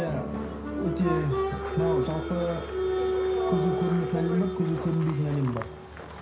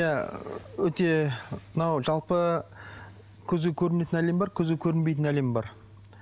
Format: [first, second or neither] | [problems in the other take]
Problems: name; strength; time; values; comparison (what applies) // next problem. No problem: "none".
second | background sound (Applause); as loud as the speech // room echo; dies away in 0.5 s